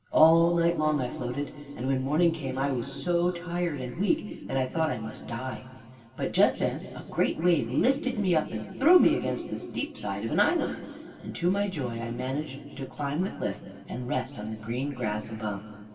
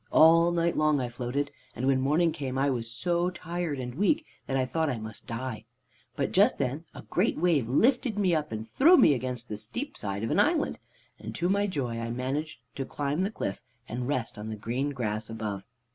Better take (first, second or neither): second